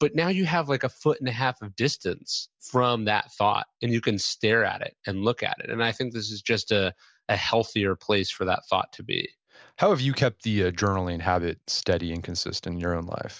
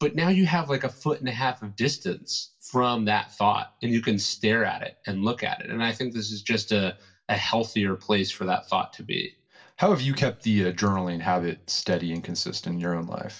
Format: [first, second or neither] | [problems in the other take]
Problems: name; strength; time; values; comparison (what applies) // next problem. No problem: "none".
first | room echo; dies away in 0.2 s